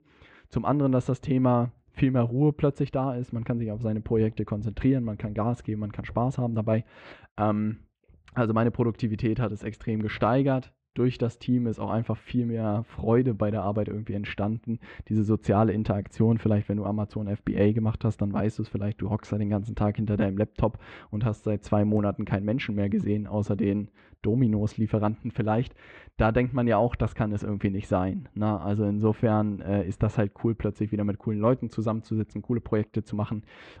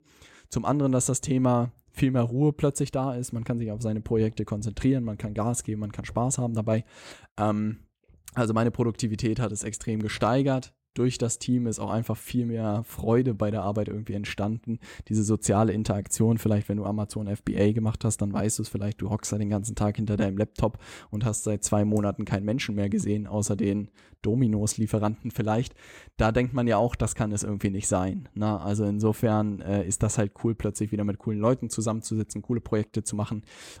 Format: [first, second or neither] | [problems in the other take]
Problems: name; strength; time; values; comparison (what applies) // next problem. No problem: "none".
second | muffled; very; fading above 3 kHz